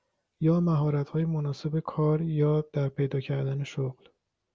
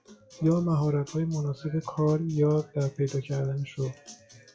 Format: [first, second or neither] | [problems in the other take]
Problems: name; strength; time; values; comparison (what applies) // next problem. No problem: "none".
first | noise reduction (classical method WPE with log-MMSE)